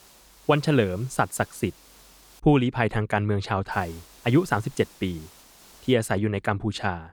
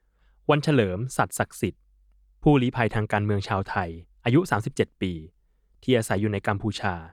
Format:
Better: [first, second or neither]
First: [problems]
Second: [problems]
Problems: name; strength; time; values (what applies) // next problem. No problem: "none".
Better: second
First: hiss; faint; until 2.5 s and from 3.5 to 6 s; 25 dB below the speech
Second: none